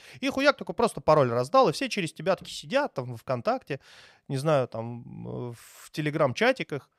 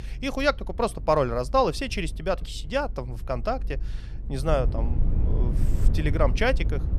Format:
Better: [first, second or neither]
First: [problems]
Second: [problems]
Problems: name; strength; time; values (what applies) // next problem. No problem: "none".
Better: first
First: none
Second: low rumble; noticeable; throughout; 20 dB below the speech